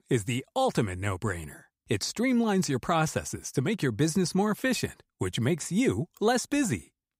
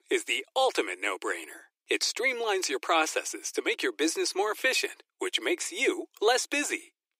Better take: first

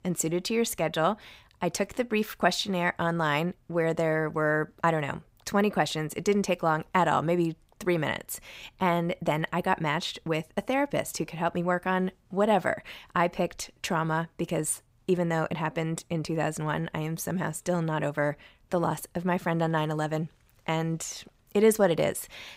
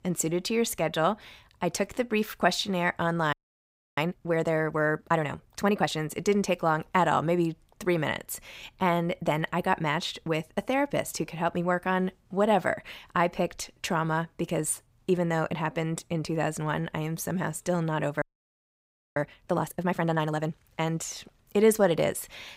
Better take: first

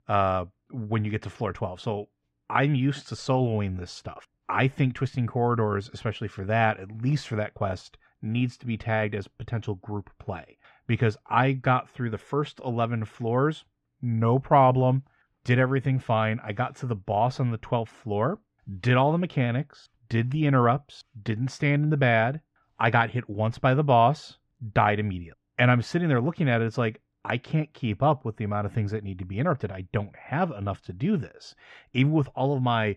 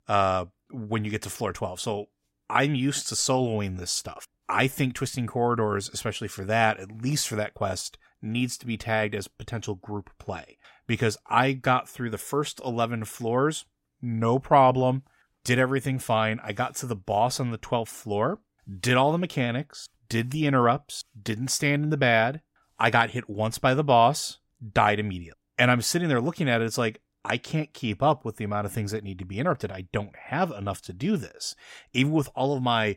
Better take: second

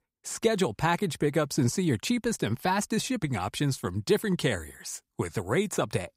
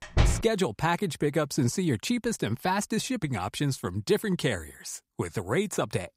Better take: first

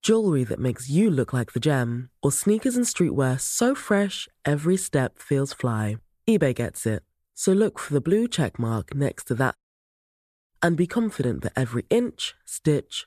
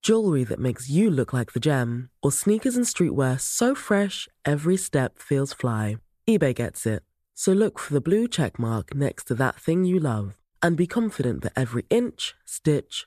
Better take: second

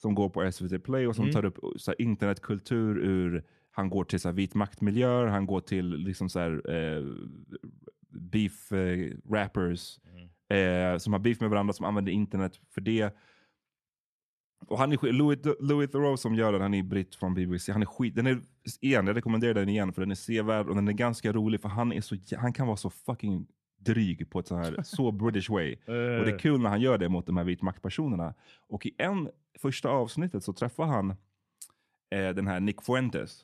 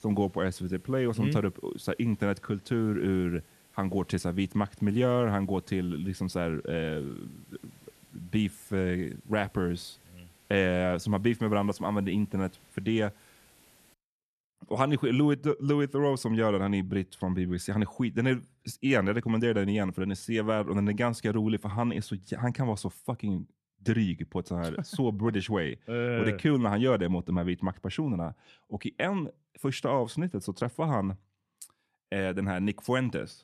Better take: first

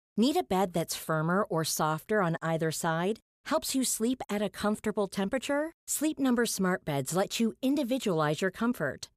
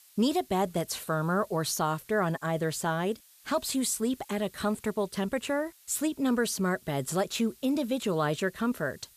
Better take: first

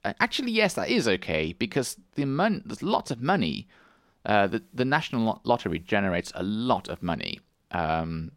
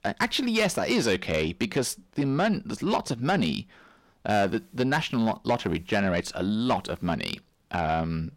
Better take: first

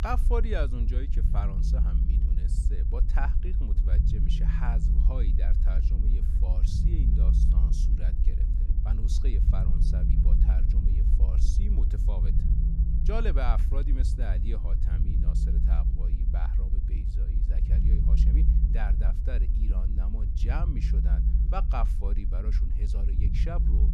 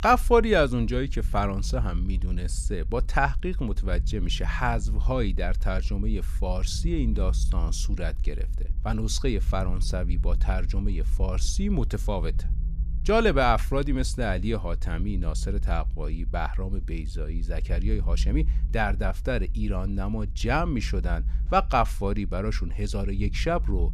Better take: second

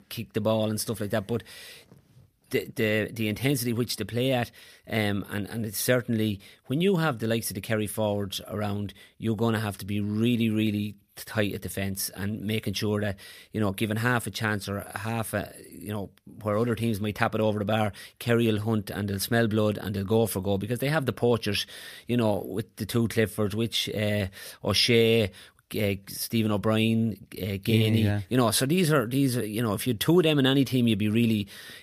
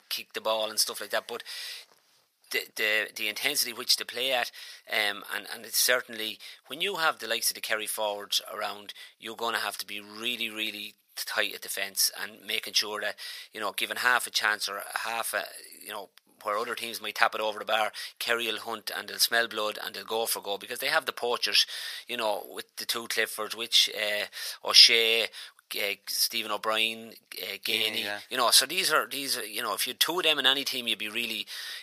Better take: first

